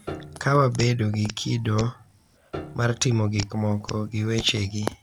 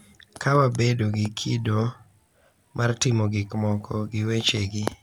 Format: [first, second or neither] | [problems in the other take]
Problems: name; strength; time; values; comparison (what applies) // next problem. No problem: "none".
second | background sound (Hands + Piano); 14 dB below the speech